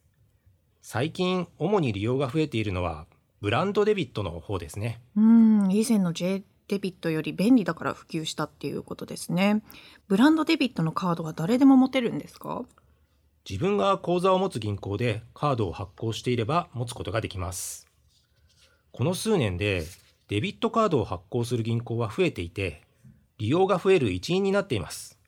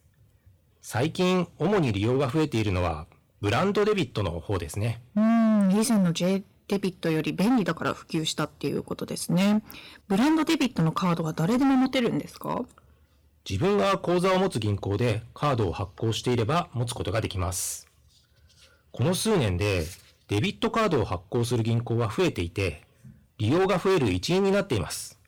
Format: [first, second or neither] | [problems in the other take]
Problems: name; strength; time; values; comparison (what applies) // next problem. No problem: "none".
first | distortion; heavy; 13% of the sound clipped